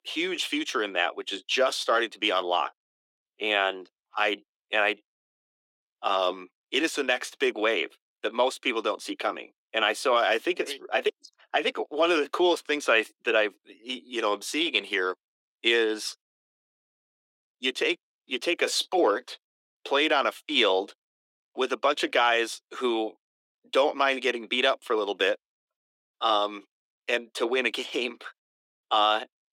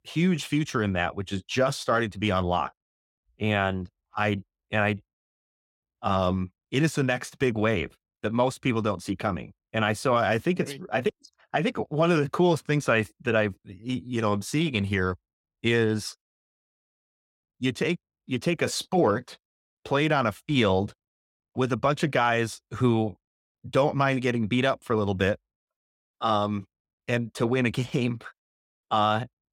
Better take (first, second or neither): second